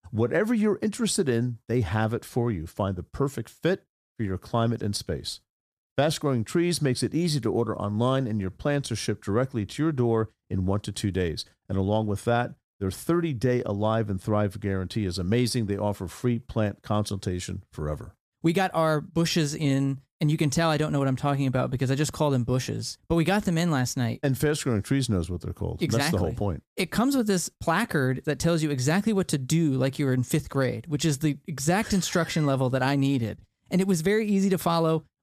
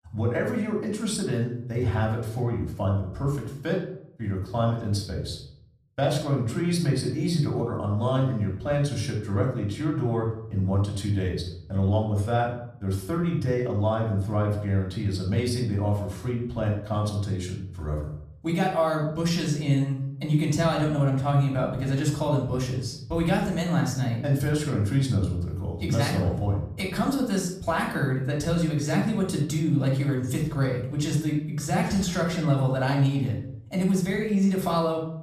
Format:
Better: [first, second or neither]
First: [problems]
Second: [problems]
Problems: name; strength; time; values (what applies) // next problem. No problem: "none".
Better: first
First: none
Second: off-mic speech; far // room echo; noticeable; dies away in 0.6 s